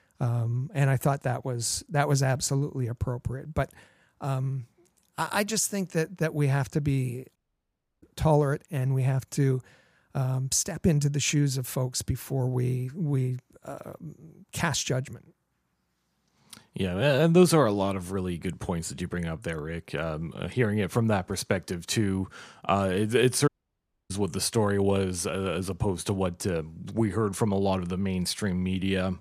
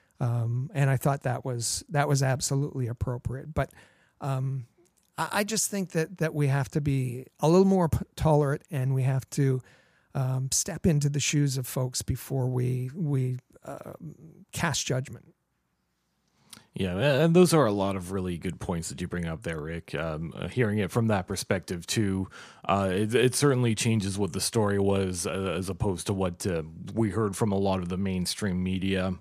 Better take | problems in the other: second | audio cutting out; at 7.5 s for 0.5 s and at 23 s for 0.5 s

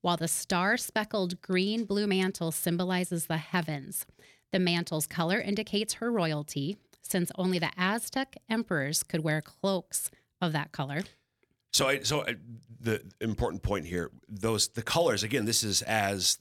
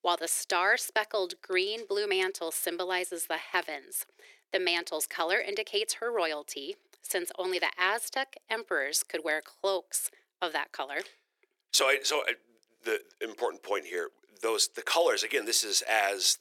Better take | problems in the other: first | thin; very; fading below 350 Hz

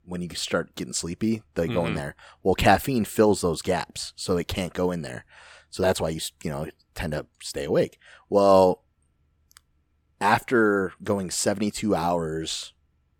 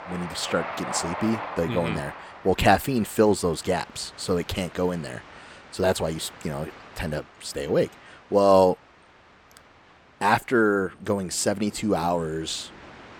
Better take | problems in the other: first | train or aircraft noise; noticeable; throughout; 15 dB below the speech

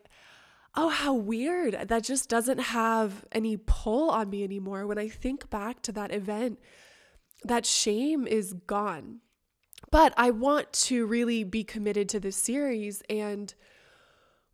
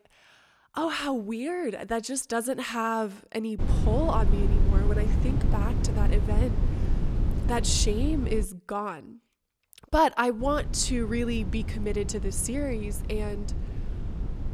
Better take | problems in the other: first | low rumble; noticeable; from 3.5 to 8.5 s and from 10 s on; 10 dB below the speech

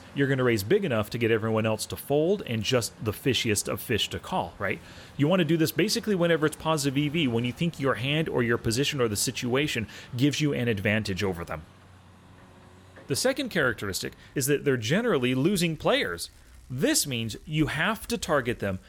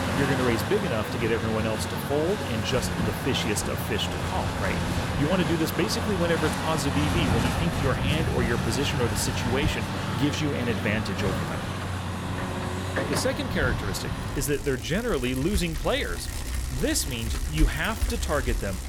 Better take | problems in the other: first | traffic noise; loud; throughout; 1 dB below the speech; faint in the first

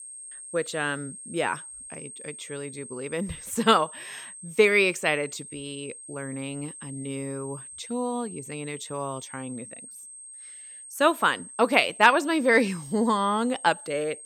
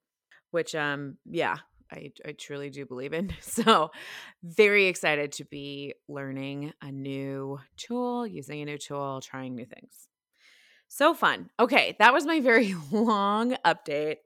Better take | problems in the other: second | high-pitched whine; noticeable; throughout; 8.5 kHz, 15 dB below the speech

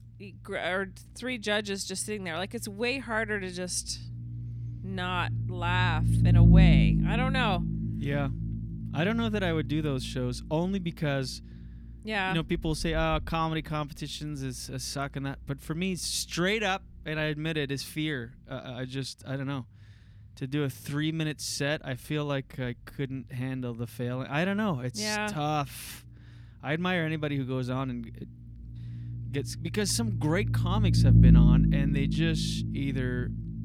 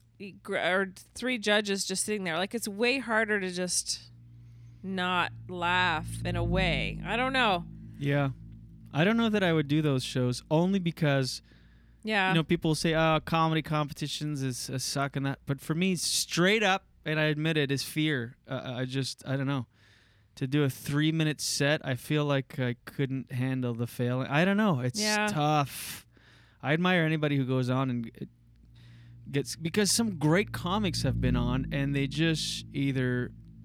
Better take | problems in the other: second | low rumble; loud; throughout; 5 dB below the speech; faint in the second

